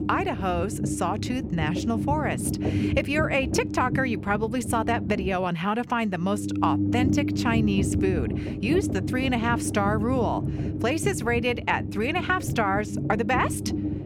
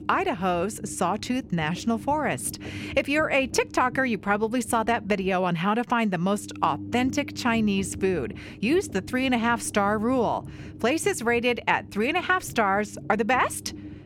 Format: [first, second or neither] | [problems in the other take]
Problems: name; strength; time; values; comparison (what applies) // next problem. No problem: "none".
second | low rumble; loud; throughout; 8 dB below the speech; faint in the second